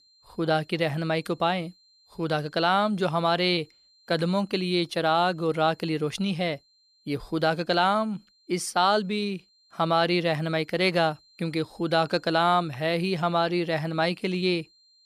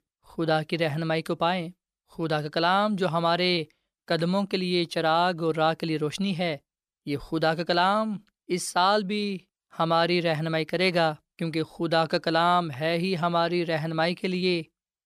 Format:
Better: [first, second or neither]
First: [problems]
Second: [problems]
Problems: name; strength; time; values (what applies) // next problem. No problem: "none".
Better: second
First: high-pitched whine; faint; throughout; 4 kHz, 35 dB below the speech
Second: none